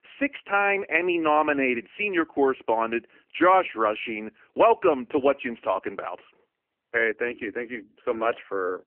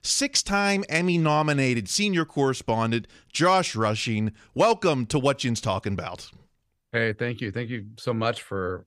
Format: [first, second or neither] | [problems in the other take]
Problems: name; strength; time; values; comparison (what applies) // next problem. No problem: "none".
second | phone-call audio; poor line